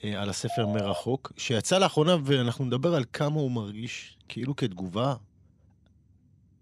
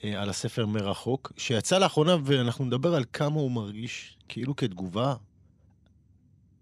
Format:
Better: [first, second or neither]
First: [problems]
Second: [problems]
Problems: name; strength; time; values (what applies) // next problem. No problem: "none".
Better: second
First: phone ringing; noticeable; at 0.5 s; peak 6 dB below the speech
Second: none